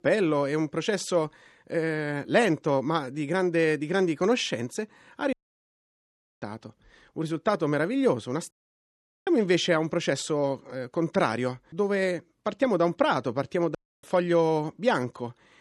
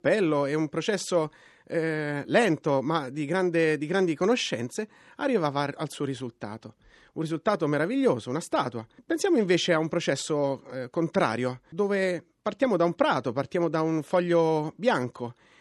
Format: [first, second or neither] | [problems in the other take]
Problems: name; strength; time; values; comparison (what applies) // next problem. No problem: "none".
second | audio cutting out; at 5.5 s for 1 s, at 8.5 s for 1 s and at 14 s